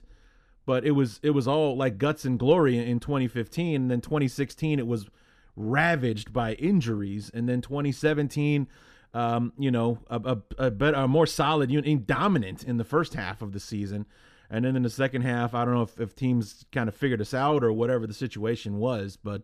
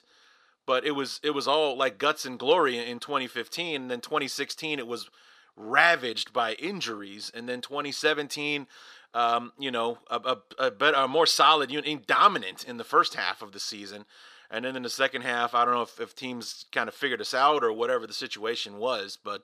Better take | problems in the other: first | thin; very; fading below 600 Hz

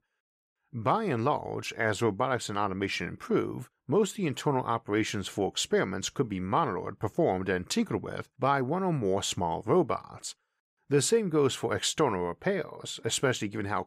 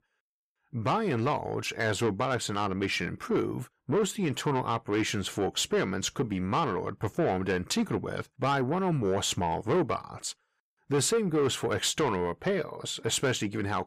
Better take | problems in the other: first | distortion; slight; 10 dB below the speech

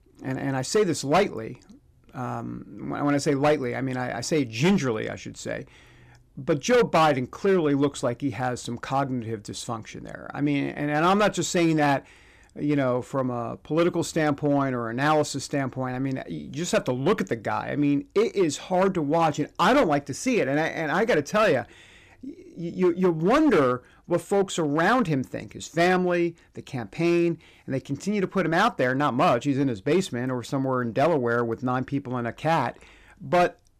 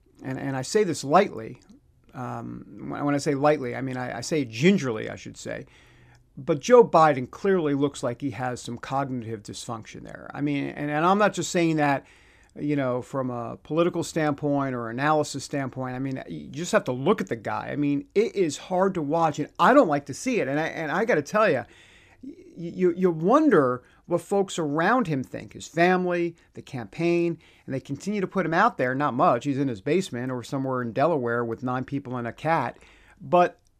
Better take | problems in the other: second | distortion; slight; 5% of the sound clipped

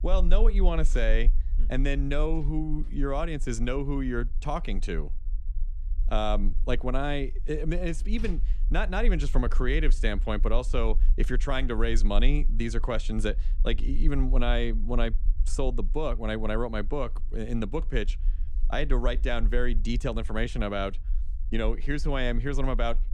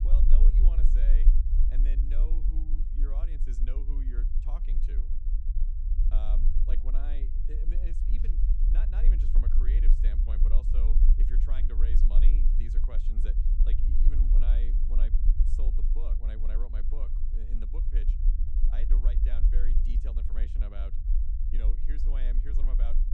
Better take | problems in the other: first | low rumble; loud; throughout; 2 dB below the speech; faint in the first

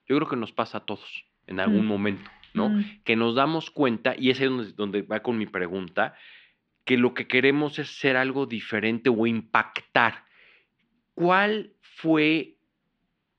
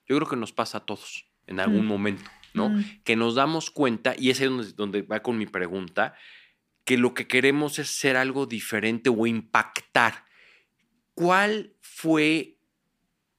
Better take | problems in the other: second | muffled; slightly; fading above 3.5 kHz

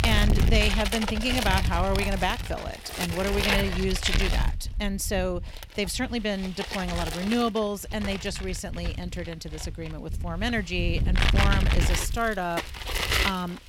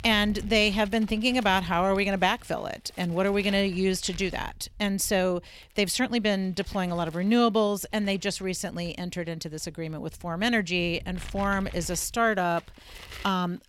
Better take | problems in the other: second | wind noise on the microphone; heavy; as loud as the speech; occasional gusts in the second

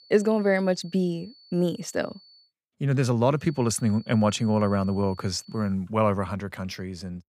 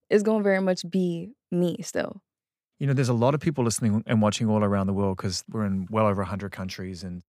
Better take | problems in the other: second | high-pitched whine; faint; until 2.5 s and from 3.5 to 5.5 s; 4.5 kHz, 25 dB below the speech

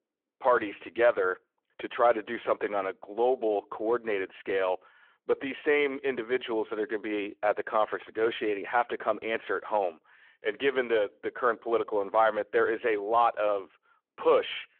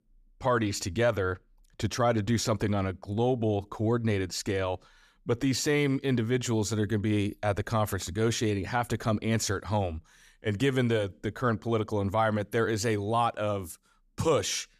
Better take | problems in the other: second | phone-call audio

